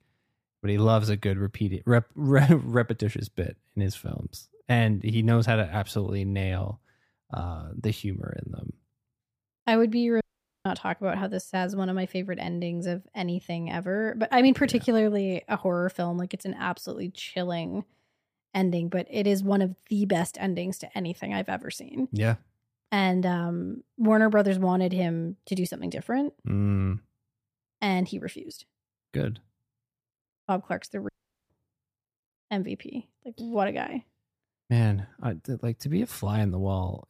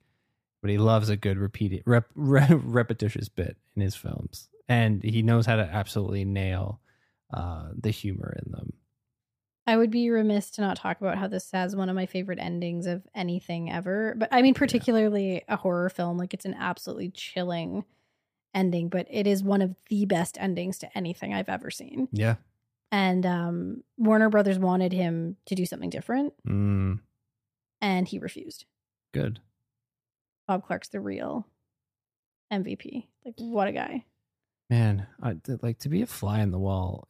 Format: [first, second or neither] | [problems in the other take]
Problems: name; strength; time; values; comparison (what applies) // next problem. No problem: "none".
second | audio cutting out; at 10 s and at 31 s